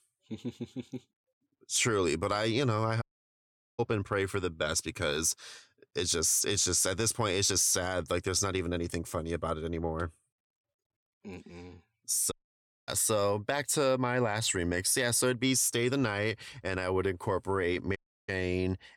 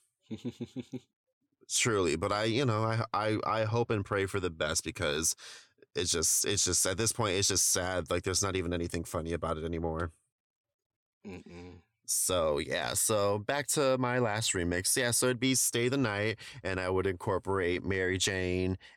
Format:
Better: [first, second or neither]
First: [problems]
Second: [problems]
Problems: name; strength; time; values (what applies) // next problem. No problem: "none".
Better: second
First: audio cutting out; at 3 s for 1 s, at 12 s for 0.5 s and at 18 s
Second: none